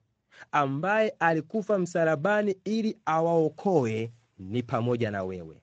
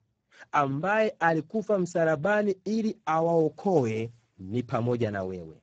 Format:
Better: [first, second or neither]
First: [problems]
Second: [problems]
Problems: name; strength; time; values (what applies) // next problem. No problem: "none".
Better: first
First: garbled, watery; slightly; nothing above 7.5 kHz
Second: garbled, watery; badly; nothing above 7.5 kHz